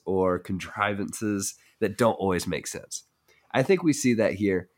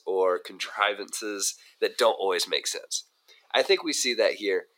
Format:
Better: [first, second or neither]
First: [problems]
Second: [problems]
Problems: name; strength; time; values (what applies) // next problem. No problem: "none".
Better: first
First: none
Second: thin; very; fading below 400 Hz